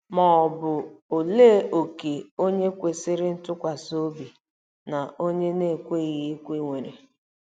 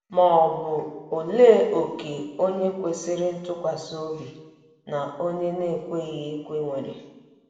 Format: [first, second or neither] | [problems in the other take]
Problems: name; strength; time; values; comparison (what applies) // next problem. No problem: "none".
first | room echo; dies away in 1.1 s